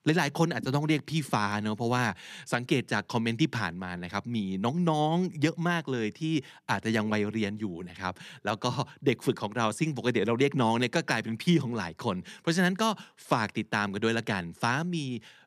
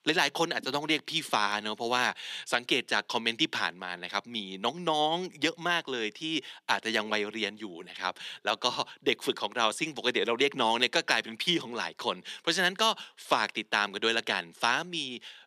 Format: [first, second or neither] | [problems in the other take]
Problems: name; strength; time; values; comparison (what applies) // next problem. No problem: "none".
first | thin; somewhat; fading below 400 Hz